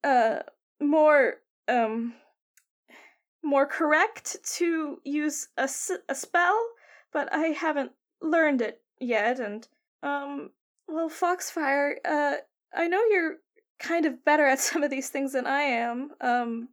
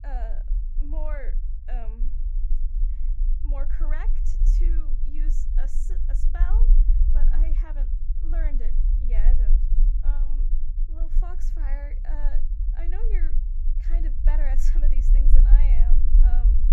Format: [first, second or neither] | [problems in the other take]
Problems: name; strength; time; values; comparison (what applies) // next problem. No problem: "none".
first | low rumble; loud; throughout; 6 dB below the speech